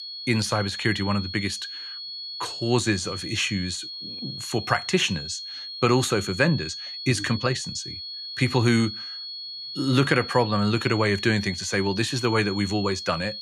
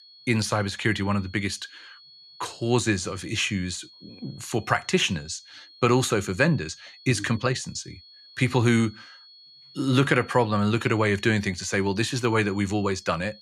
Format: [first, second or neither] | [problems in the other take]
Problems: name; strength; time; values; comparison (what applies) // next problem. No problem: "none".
second | high-pitched whine; loud; throughout; 4.5 kHz, 8 dB below the speech; faint in the second